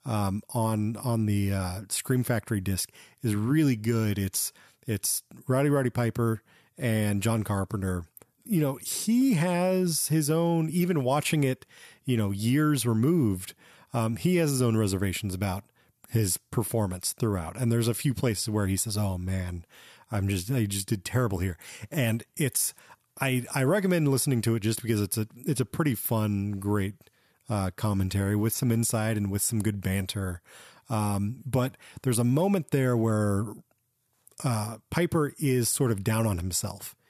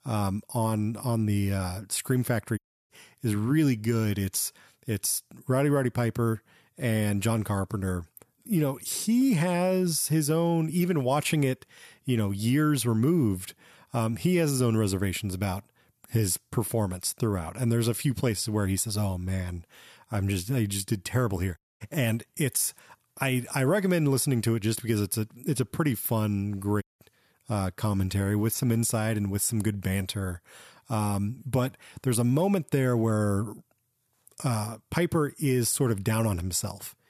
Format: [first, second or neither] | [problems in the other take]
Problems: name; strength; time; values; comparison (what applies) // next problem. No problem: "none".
first | audio cutting out; at 2.5 s, at 22 s and at 27 s